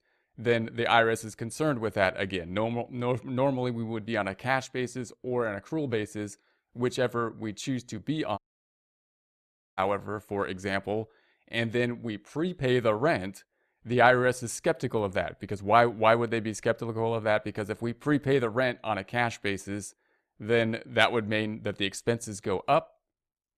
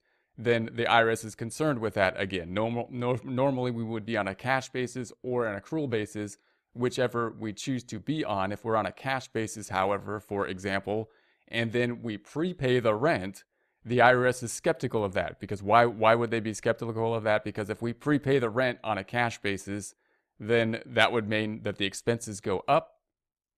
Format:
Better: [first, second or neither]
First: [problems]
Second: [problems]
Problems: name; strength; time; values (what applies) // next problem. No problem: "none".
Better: second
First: audio cutting out; at 8.5 s for 1.5 s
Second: none